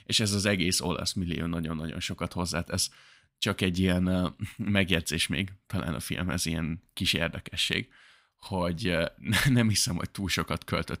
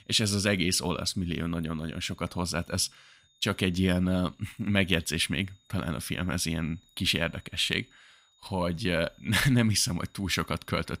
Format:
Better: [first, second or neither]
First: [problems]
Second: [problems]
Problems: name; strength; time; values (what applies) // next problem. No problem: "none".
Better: first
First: none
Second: high-pitched whine; faint; throughout; 3.5 kHz, 35 dB below the speech